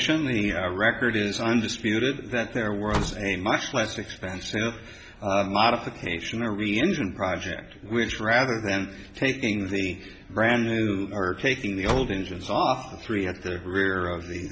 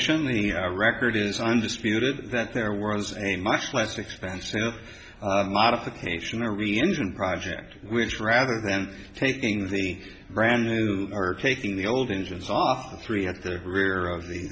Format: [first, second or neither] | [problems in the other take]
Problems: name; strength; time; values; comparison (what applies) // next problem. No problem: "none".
second | background sound (Slam); 10 dB below the speech